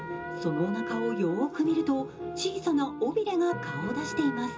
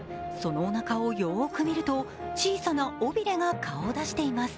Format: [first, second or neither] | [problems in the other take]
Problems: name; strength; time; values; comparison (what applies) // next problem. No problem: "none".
second | background sound (Trumpet); 13 dB below the speech // room echo; dies away in 0.2 s